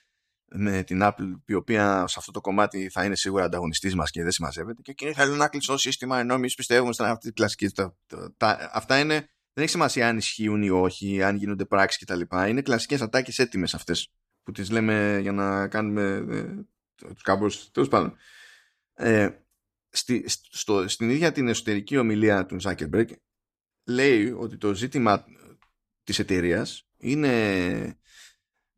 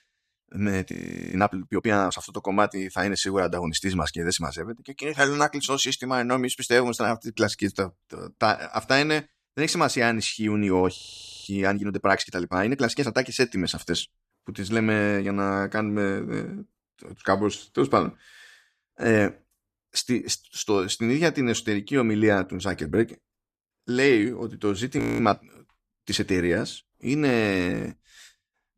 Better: first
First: none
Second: audio freezing; at 1 s, at 11 s and at 25 s

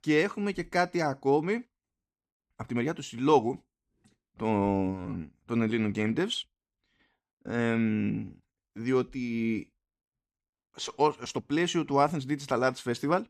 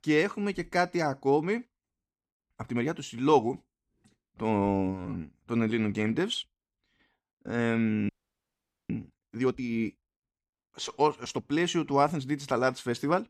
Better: first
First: none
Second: audio freezing; at 8 s for 1 s

